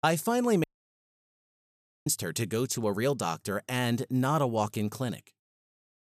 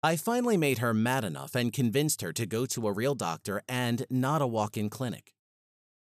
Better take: second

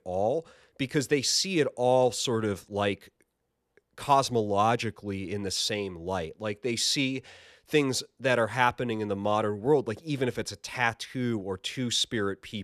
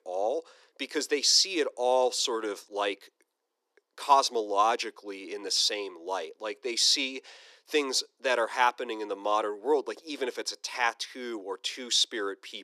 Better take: first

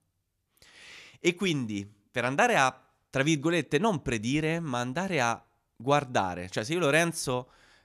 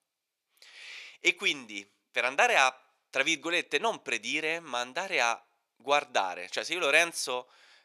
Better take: first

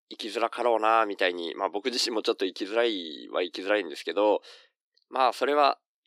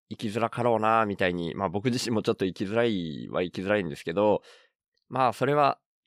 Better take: second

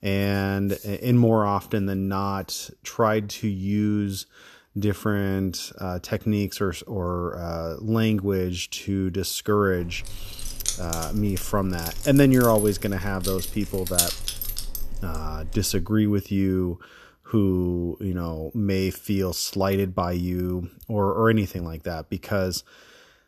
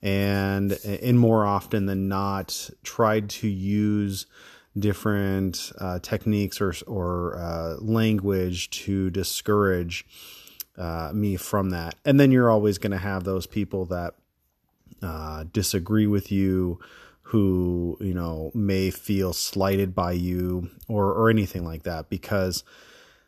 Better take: second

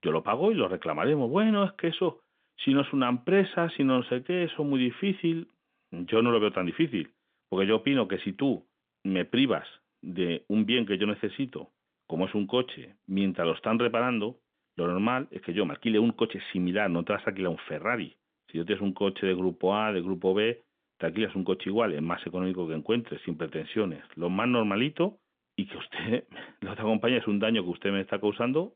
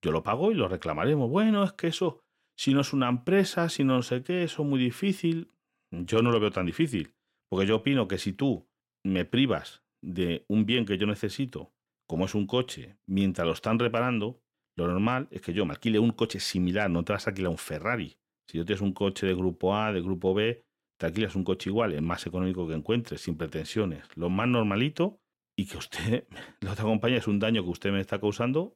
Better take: second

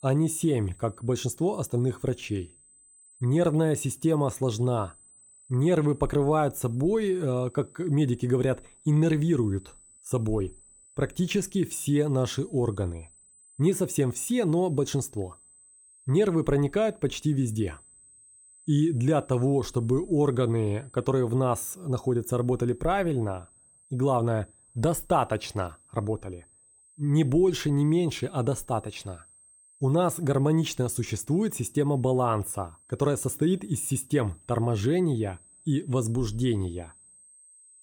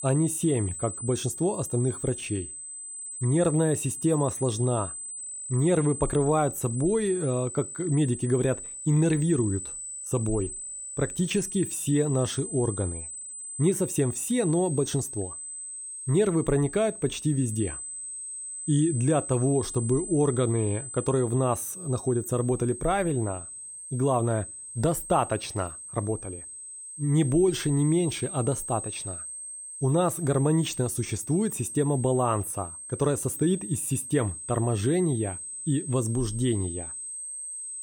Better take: first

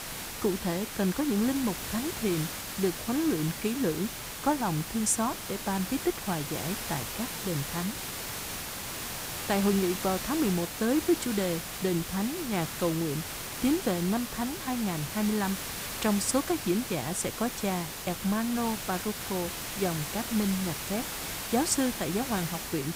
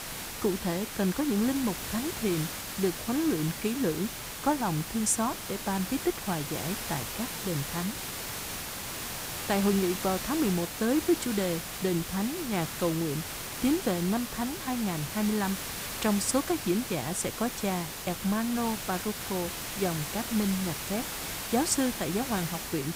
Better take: neither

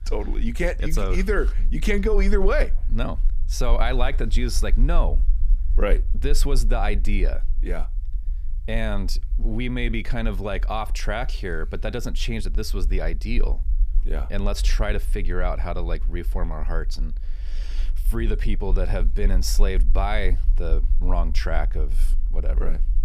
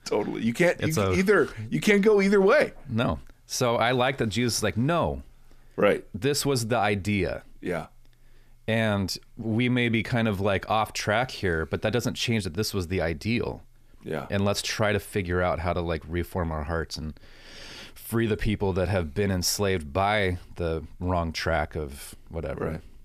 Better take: second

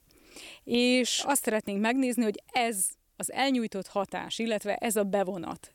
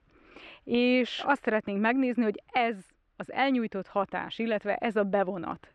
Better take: first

